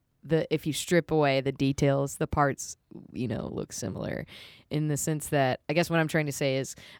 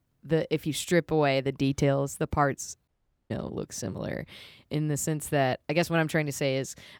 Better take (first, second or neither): first